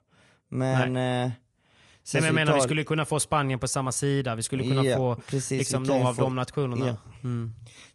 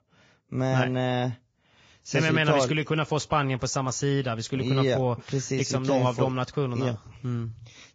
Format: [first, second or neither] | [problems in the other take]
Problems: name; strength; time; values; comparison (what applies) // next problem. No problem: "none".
first | garbled, watery; badly; nothing above 7.5 kHz; slightly in the first